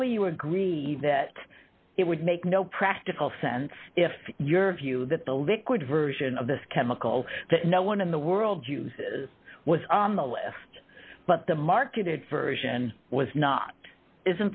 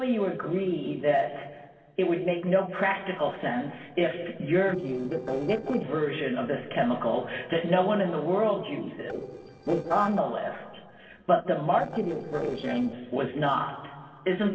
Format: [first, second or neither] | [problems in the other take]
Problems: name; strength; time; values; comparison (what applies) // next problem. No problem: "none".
first | noise reduction (neural separator model SepFormer DNS4)